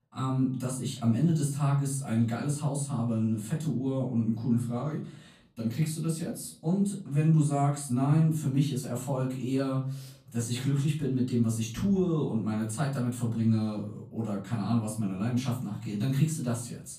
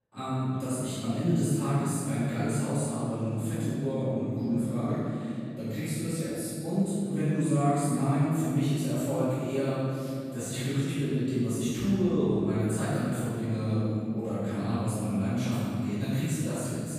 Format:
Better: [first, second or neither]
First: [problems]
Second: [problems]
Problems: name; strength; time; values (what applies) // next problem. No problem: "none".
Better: first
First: room echo; slight; dies away in 0.5 s // off-mic speech; far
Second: room echo; strong; dies away in 3 s // off-mic speech; far